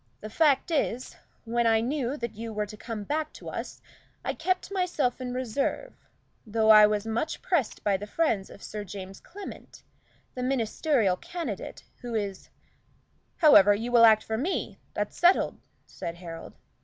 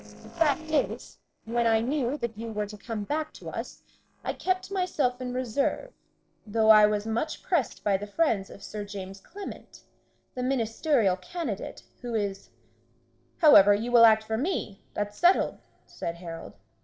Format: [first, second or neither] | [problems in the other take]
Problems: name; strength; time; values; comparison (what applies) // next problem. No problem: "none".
first | noise reduction (neural separator model SepFormer DNS4)